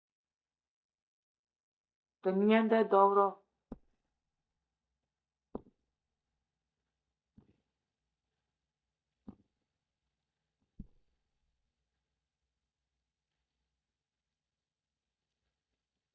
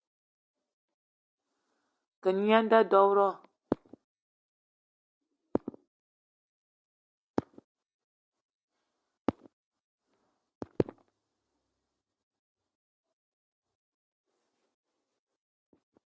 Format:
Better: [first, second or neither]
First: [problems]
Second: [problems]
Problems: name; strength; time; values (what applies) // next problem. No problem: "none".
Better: second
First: noise reduction (neural mask model DeepFilterNet 3)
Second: none